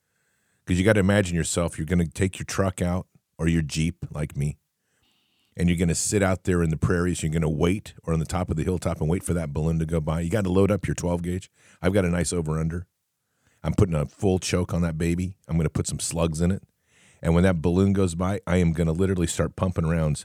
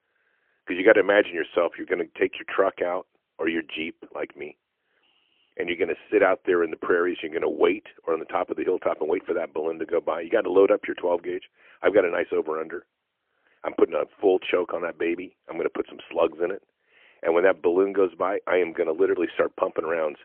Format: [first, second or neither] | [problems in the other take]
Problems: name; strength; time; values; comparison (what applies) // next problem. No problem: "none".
first | phone-call audio; poor line; nothing above 3 kHz